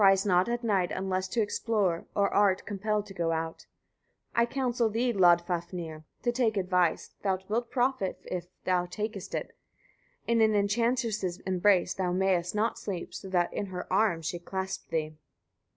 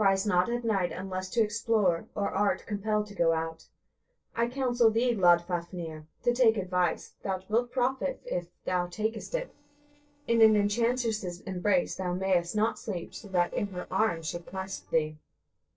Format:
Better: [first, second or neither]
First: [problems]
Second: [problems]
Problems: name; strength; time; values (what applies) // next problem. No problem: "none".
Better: first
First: none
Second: noise reduction (neural separator model SepFormer DNS4)